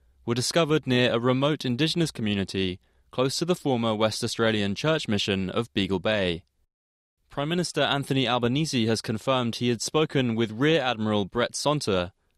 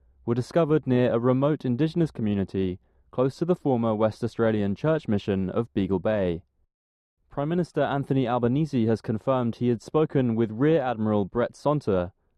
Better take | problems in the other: first | muffled; very; fading above 2 kHz

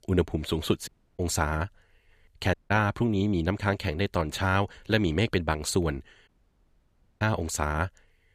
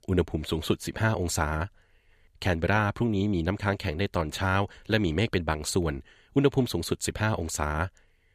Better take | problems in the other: second | audio cutting out; at 1 s, at 2.5 s and at 6.5 s for 1 s

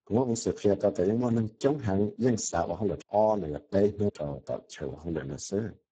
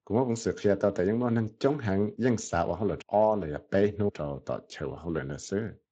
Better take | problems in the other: second | garbled, watery; badly; nothing above 7.5 kHz; slightly in the second

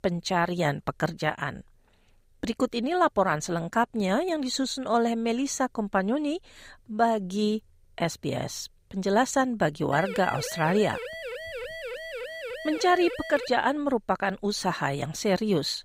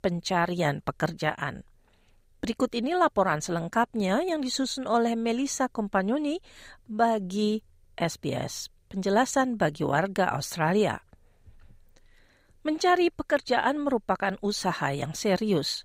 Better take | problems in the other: second | siren; noticeable; from 10 to 13 s; peak 9 dB below the speech

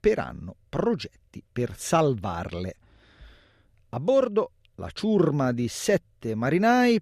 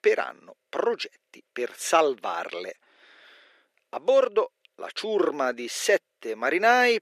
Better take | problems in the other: first | thin; very; fading below 350 Hz

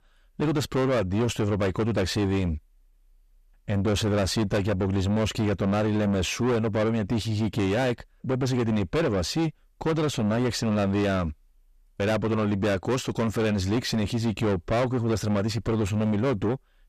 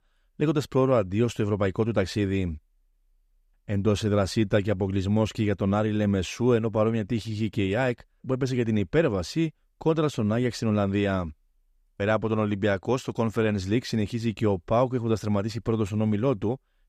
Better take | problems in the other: second | distortion; heavy; 7 dB below the speech

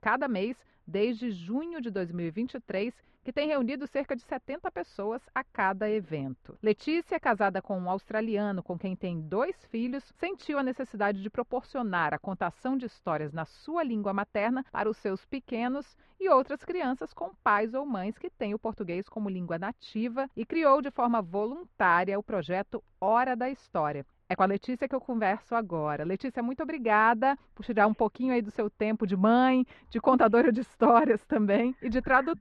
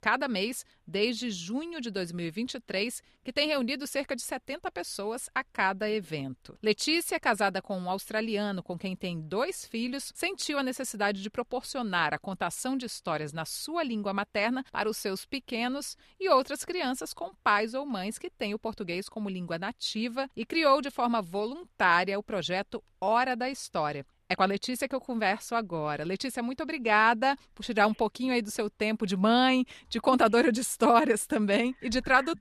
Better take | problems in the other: second | muffled; very; fading above 1.5 kHz

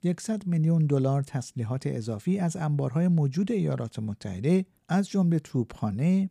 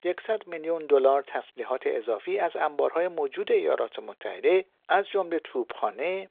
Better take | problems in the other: first | phone-call audio; nothing above 3.5 kHz

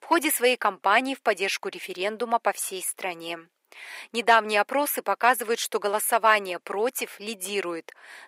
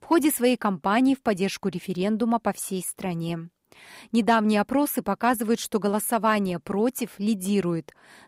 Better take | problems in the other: second | thin; very; fading below 450 Hz

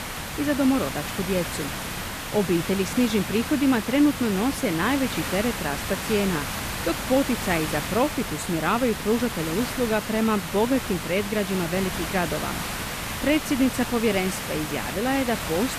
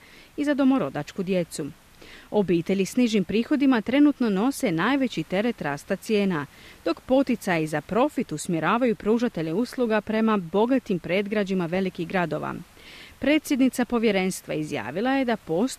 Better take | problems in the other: second | hiss; loud; throughout; 5 dB below the speech; faint in the second

